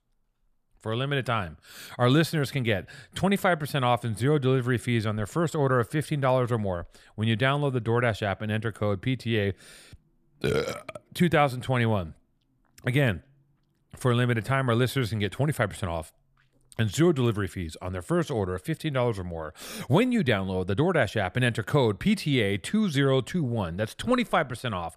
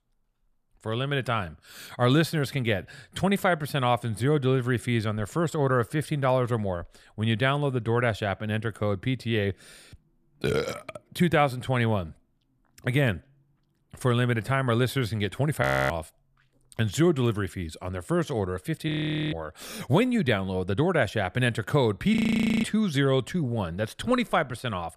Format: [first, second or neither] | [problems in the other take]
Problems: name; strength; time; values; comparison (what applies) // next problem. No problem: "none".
first | audio freezing; at 16 s, at 19 s and at 22 s